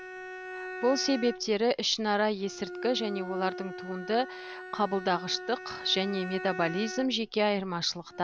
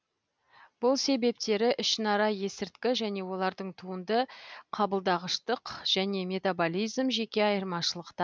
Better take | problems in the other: second | background sound (Bowed string instrument); 11 dB below the speech

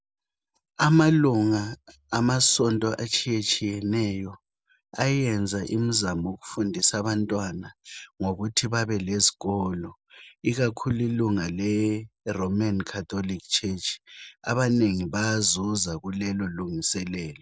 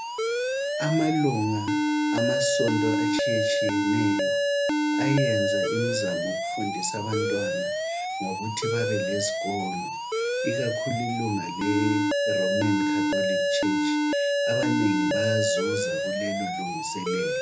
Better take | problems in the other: first | background sound (Alarm); 5 dB above the speech // room echo; dies away in 0.3 s

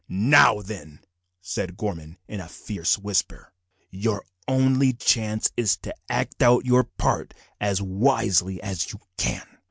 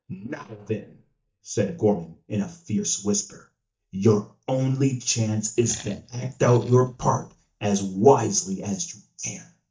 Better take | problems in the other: first | noise reduction (neural mask model DeepFilterNet 3)

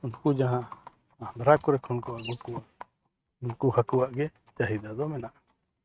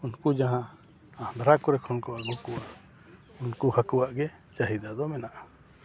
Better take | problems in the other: second | noise reduction (neural mask model RNNoise)

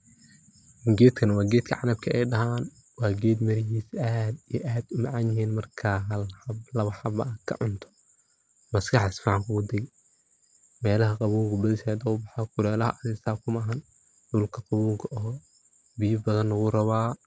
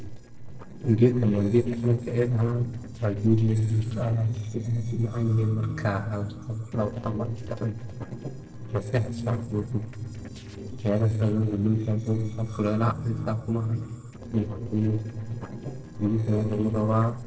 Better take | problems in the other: first | noise reduction (neural separator model SepFormer DNS4)

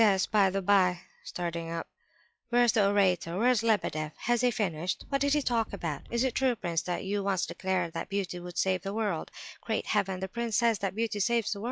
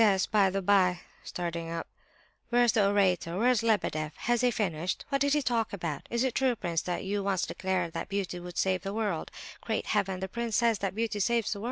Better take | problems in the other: second | noise reduction (classical method log-MMSE)

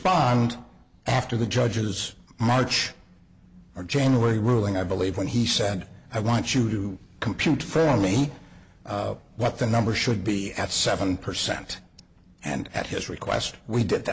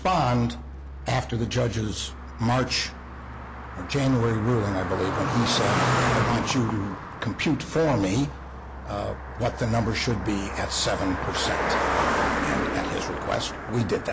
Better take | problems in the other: first | background sound (Car passing by); 3 dB below the speech

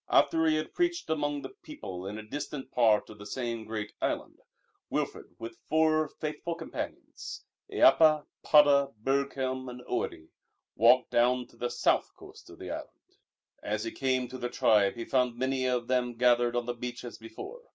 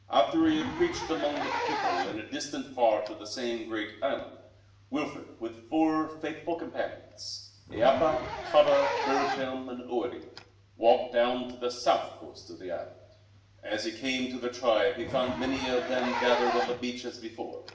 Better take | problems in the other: first | background sound (Zipper (clothing)); 8 dB below the speech // room echo; dies away in 0.7 s

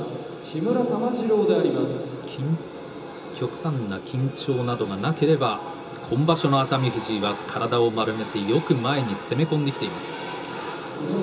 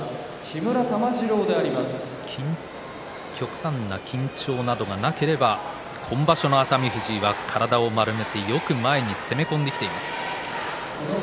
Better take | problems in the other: second | room echo; dies away in 0.2 s

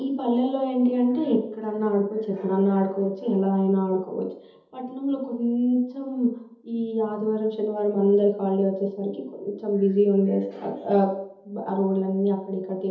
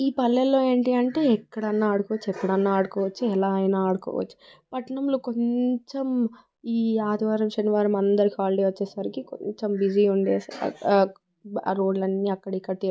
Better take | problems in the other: second | room echo; dies away in 0.8 s

